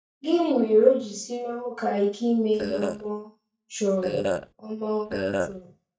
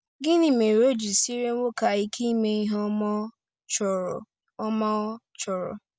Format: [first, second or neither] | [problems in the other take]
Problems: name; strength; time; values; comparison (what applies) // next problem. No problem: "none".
second | noise reduction (neural mask model DeepFilterNet 3)